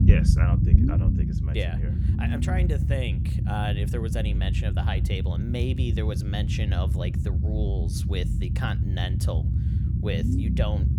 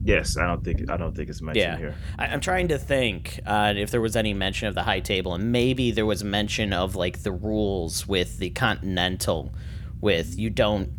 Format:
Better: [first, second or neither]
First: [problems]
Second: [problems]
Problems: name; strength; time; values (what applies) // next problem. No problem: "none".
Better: second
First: low rumble; loud; throughout; 3 dB below the speech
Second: low rumble; faint; throughout; 25 dB below the speech